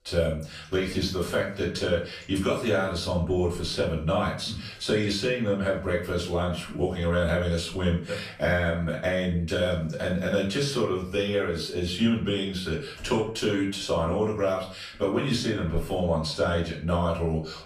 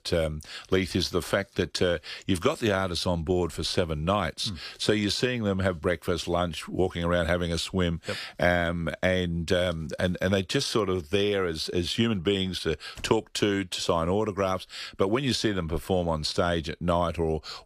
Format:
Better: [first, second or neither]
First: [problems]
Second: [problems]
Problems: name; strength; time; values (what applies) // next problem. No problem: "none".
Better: second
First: off-mic speech; far // room echo; slight; dies away in 0.4 s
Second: none